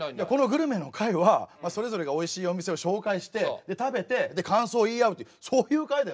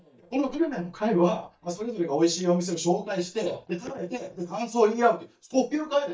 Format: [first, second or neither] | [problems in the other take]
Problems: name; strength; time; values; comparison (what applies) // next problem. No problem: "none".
first | noise reduction (neural mask model DeepFilterNet 3)